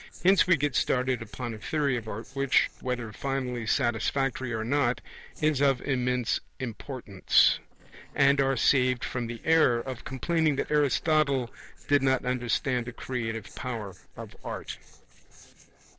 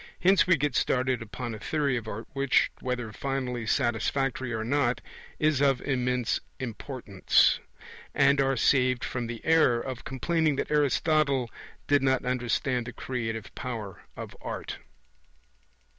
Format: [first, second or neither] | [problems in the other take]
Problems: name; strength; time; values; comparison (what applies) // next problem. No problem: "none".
second | noise reduction (neural separator model SepFormer DNS4)